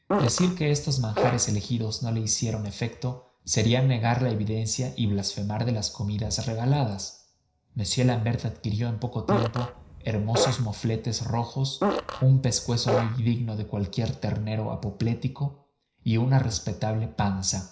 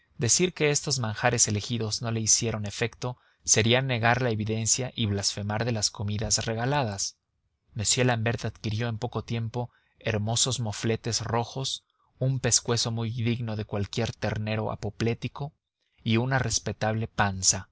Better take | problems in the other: second | background sound (Fart); 4 dB below the speech // room echo; dies away in 0.5 s

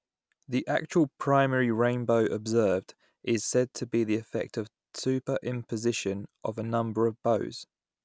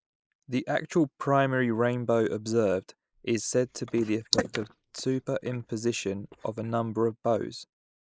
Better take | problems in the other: first | noise reduction (neural mask model Resemble Enhance denoiser)

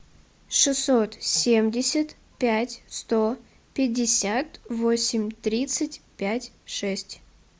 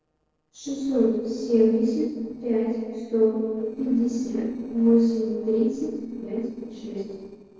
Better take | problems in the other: first | noise reduction (neural separator model SepFormer DNS4)

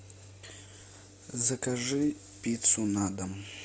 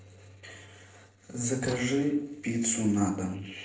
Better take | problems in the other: first | noise reduction (neural separator model SepFormer DNS4)

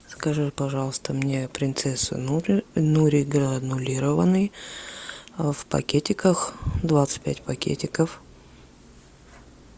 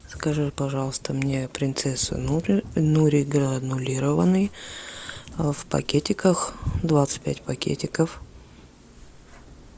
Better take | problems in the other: first | background sound (Cat); 20 dB below the speech

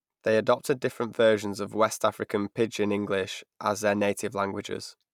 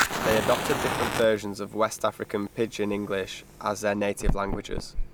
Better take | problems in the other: first | background sound (Fire); 3 dB below the speech

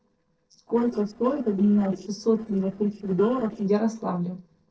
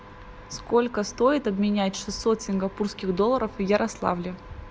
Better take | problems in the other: second | noise reduction (neural separator model SepFormer DNS4)

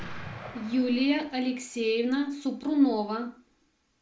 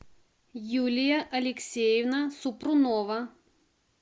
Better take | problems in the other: second | background sound (Explosion); 19 dB below the speech // room echo; dies away in 0.4 s

